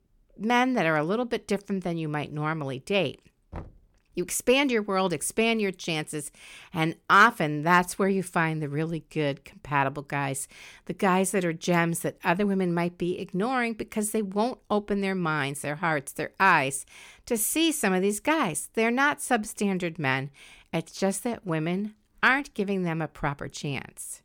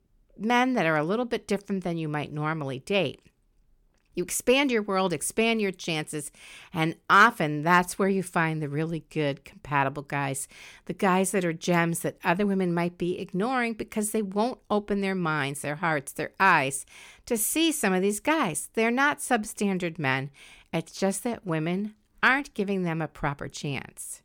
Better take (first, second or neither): second